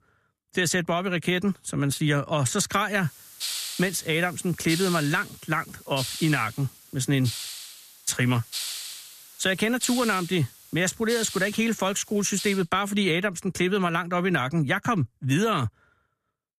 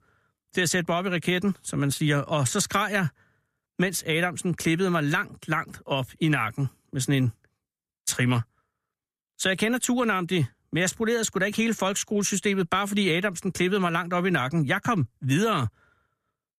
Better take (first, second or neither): second